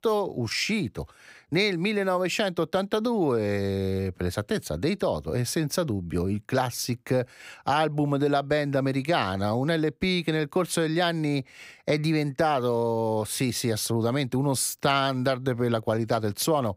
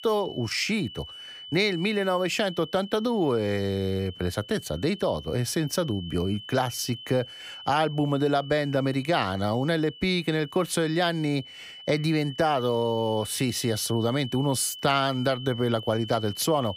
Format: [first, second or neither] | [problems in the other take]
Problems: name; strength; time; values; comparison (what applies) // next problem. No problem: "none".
first | high-pitched whine; noticeable; throughout; 3 kHz, 15 dB below the speech